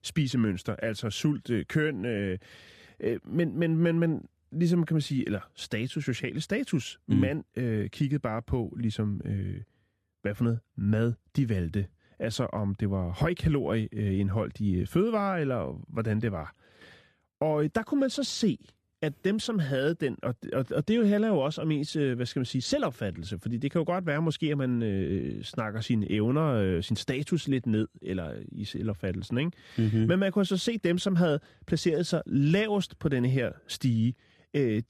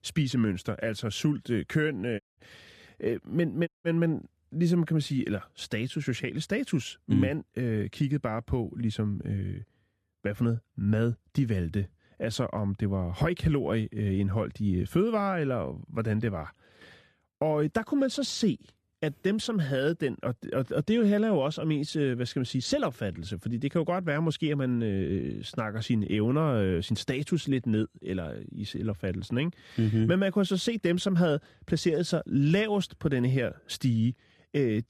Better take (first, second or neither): first